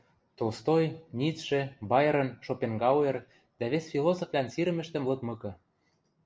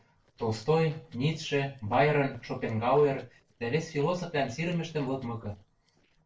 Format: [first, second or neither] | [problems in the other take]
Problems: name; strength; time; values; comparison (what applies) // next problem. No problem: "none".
first | noise reduction (neural separator model SepFormer DNS4)